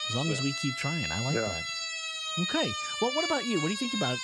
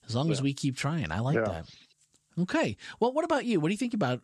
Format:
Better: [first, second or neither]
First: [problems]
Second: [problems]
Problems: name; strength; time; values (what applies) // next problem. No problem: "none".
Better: second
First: siren; loud; peak 2 dB above the speech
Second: none